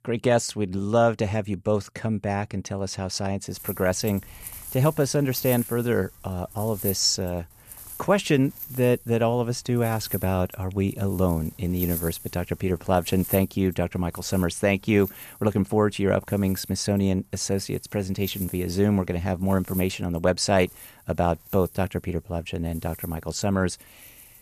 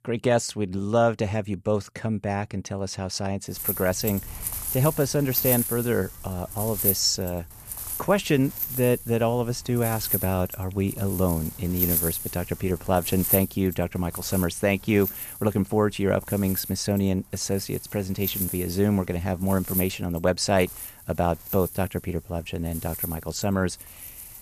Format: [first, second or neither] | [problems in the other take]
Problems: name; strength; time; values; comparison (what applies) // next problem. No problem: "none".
first | wind noise on the microphone; heavy; from 3.5 s on; 9 dB below the speech; occasional gusts in the first